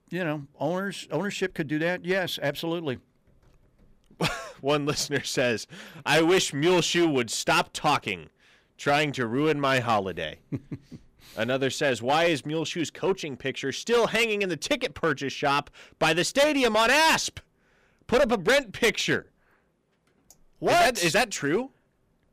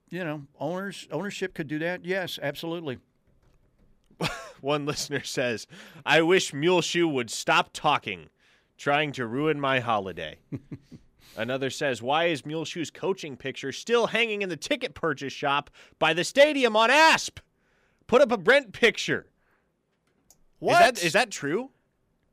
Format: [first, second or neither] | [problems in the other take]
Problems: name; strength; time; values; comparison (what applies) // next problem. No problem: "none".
second | distortion; heavy; 6% of the sound clipped